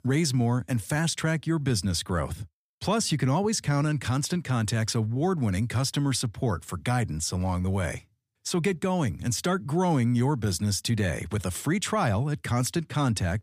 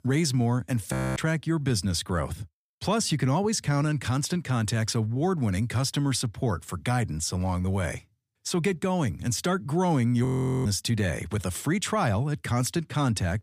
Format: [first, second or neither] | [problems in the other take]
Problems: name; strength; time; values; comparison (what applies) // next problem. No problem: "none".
first | audio freezing; at 1 s and at 10 s